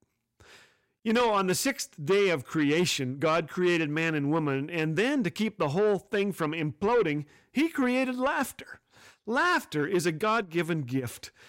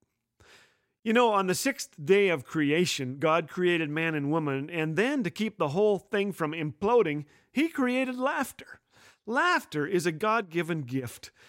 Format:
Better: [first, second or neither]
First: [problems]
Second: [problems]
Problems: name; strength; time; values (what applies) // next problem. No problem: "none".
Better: second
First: distortion; slight; 10 dB below the speech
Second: none